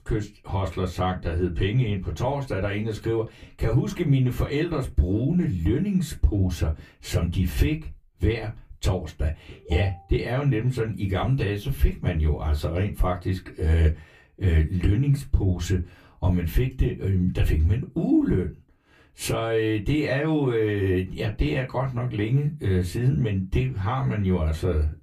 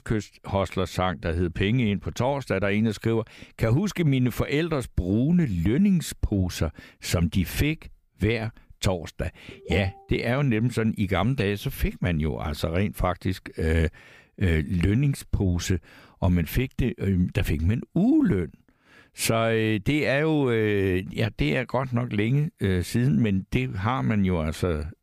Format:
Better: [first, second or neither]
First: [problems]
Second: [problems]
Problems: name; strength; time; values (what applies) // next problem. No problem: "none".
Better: second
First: off-mic speech; far // room echo; very slight; dies away in 0.2 s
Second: none